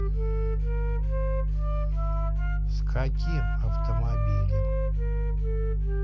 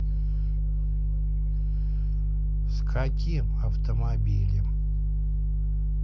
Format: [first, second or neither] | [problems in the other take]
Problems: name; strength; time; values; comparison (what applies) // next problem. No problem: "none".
second | background sound (Wind instrument, woodwind instrument); 14 dB below the speech